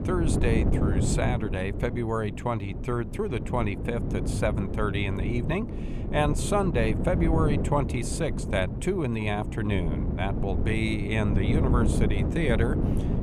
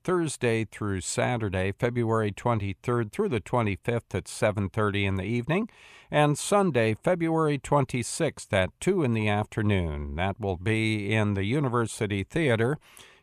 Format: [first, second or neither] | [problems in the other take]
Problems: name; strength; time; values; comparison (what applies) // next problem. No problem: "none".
second | wind noise on the microphone; heavy; 6 dB below the speech